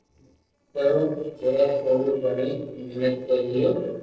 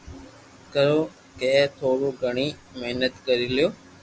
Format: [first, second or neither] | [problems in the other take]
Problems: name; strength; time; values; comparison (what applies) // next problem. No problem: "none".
second | noise reduction (neural separator model SepFormer DNS4)